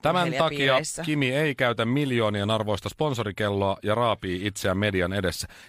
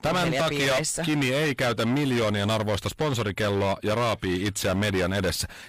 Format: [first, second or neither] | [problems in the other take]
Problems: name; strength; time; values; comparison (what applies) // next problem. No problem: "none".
first | distortion; heavy; 24% of the sound clipped